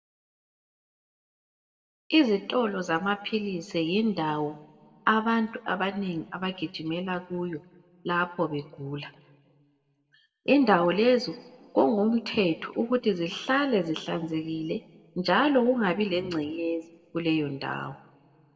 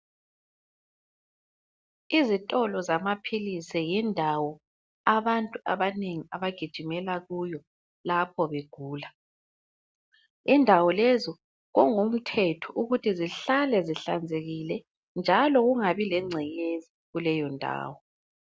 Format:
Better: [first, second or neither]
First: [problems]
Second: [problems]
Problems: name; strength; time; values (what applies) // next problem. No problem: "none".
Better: second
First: room echo; dies away in 1.1 s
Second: none